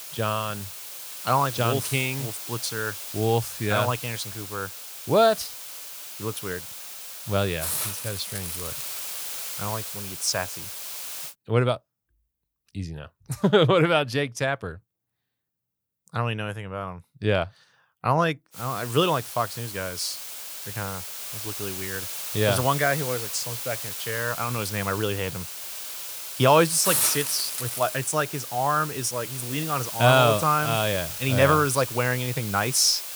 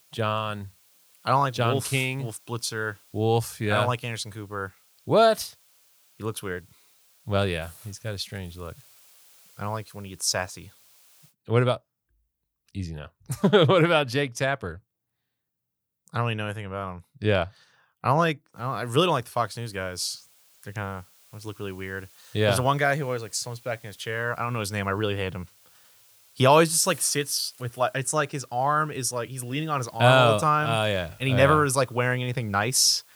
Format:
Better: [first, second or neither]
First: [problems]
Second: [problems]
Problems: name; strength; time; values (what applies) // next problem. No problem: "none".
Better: second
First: hiss; loud; until 11 s and from 19 s on; 6 dB below the speech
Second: hiss; faint; until 11 s and from 19 s on; 30 dB below the speech